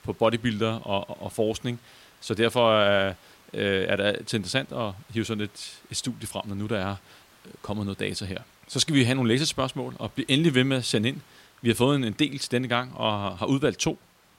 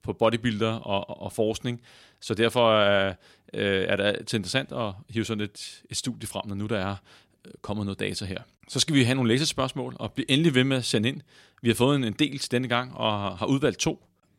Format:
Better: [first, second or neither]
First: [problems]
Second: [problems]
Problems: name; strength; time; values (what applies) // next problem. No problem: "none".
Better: second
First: hiss; faint; throughout; 30 dB below the speech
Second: none